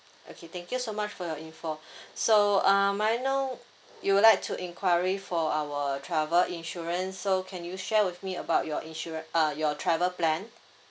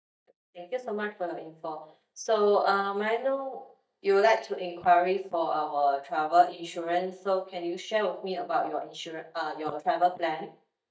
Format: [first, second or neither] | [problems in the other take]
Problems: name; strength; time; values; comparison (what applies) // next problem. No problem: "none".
first | noise reduction (neural mask model DeepFilterNet 3)